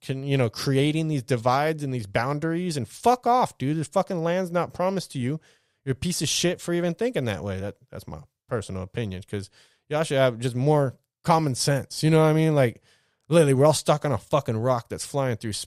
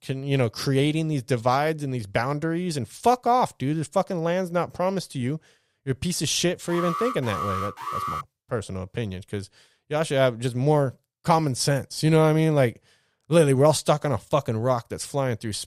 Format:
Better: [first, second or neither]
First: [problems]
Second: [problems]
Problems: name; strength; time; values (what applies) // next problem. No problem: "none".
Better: first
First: none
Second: alarm; noticeable; from 6.5 to 8 s; peak 5 dB below the speech